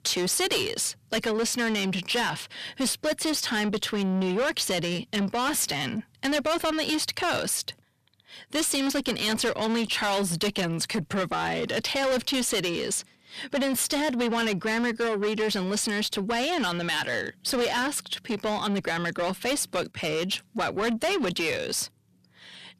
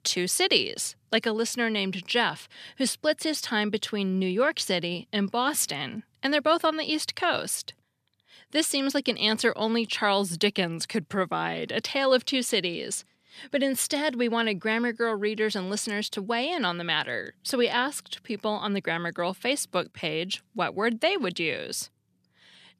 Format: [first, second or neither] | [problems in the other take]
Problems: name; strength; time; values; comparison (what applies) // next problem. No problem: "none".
second | distortion; heavy; 6 dB below the speech